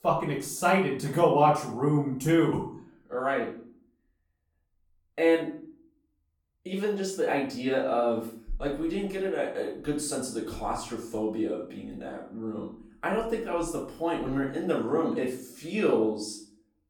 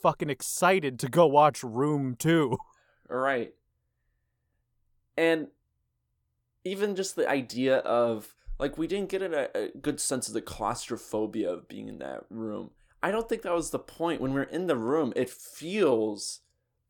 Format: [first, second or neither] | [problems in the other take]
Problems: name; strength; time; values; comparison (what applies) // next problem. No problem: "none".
second | off-mic speech; far // room echo; noticeable; dies away in 0.4 s